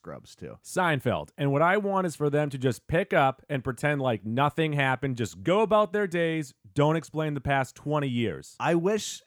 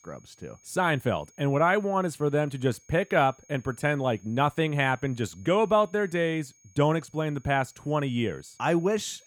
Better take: first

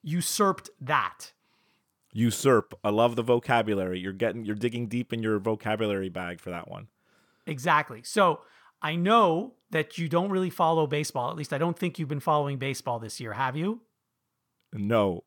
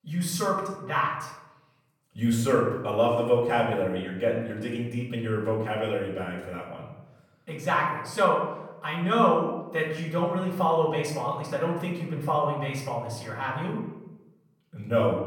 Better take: first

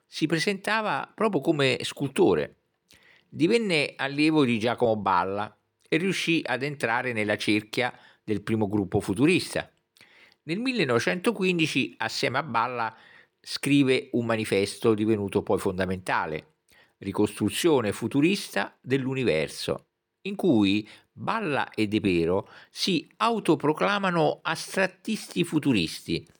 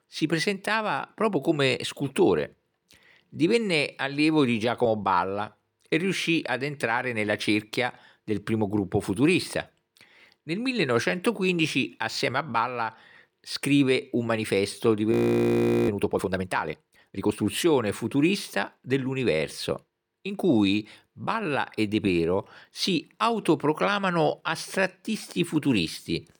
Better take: first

